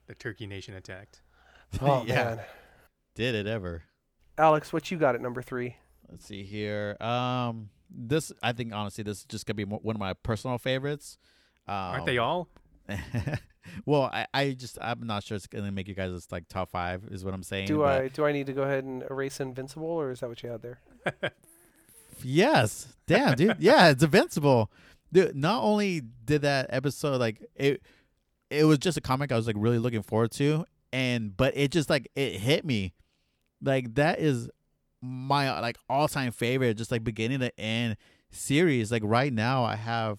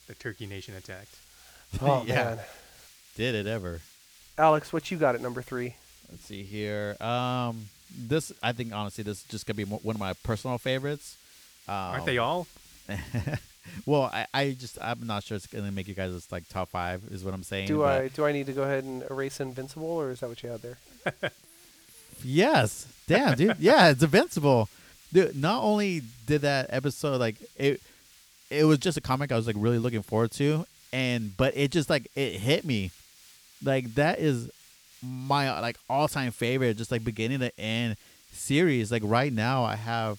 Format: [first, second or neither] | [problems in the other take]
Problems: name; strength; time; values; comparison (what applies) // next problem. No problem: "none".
first | hiss; faint; throughout; 25 dB below the speech